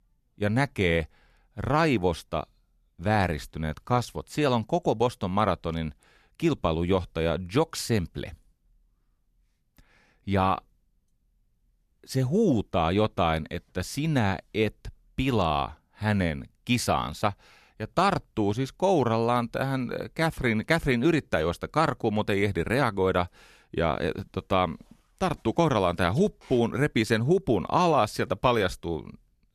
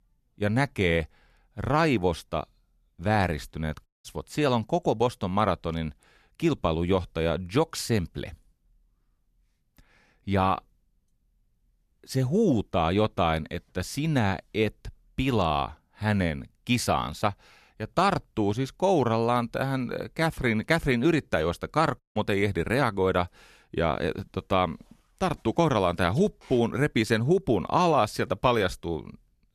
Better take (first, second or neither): first